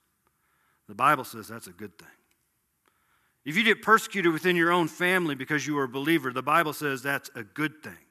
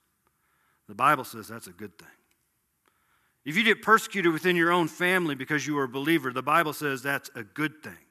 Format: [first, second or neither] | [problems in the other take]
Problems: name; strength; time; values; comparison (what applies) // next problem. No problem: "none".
neither | none